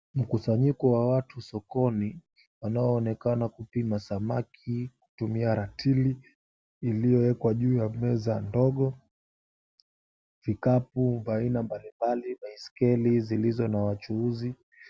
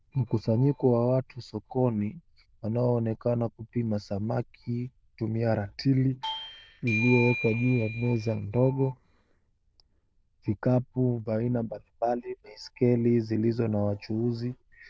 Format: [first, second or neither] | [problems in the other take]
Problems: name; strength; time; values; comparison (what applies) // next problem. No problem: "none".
first | noise reduction (neural diffusion model UNIVERSE++)